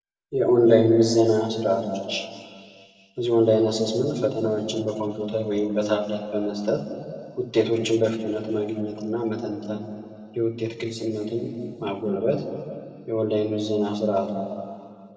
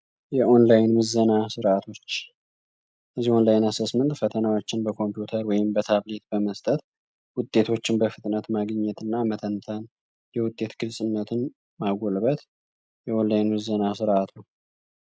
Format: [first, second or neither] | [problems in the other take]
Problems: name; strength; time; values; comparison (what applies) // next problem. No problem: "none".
second | room echo; dies away in 2.4 s